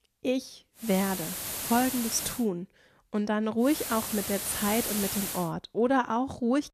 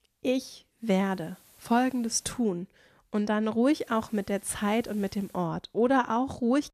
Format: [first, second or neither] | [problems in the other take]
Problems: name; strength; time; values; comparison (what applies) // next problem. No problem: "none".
second | hiss; loud; from 1 to 2.5 s and from 3.5 to 5.5 s; 3 dB below the speech; faint in the second